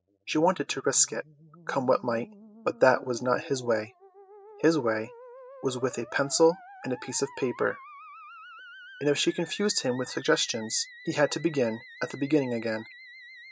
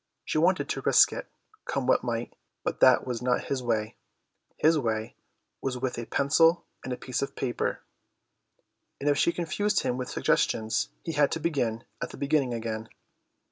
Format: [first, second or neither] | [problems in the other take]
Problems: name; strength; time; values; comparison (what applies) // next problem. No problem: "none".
second | noise reduction (classical method spectral subtraction)